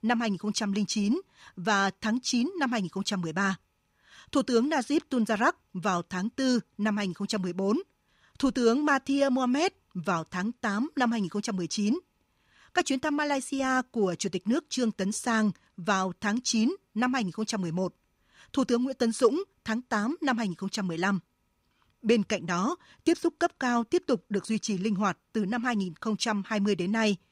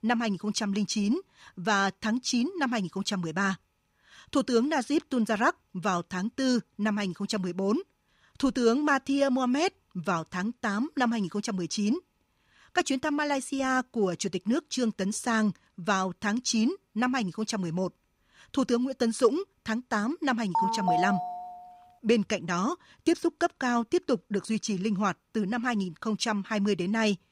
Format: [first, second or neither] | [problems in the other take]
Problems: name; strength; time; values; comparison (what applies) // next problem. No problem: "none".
first | phone ringing; loud; at 21 s; peak 2 dB above the speech